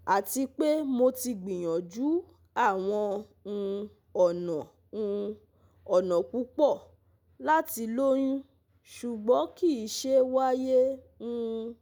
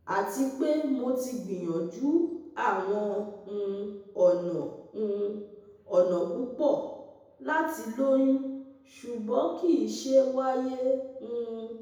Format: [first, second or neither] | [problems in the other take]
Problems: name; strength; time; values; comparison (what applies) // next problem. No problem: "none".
first | room echo; dies away in 0.9 s